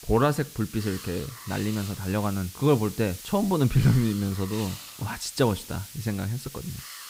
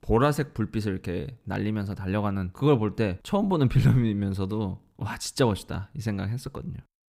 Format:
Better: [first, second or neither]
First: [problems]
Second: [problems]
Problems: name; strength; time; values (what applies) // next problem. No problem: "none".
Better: second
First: hiss; noticeable; throughout; 15 dB below the speech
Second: none